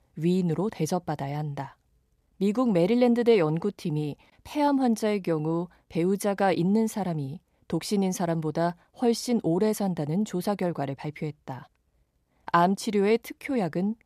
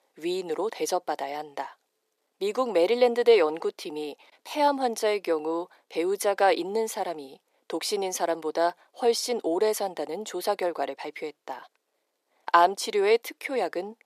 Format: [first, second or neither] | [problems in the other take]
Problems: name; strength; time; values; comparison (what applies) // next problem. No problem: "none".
first | thin; very; fading below 400 Hz